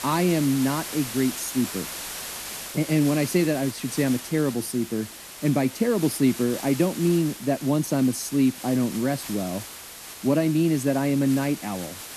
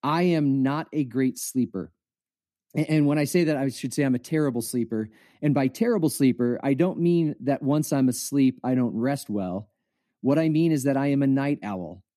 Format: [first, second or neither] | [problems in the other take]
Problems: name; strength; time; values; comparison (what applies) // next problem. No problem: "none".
second | hiss; noticeable; throughout; 10 dB below the speech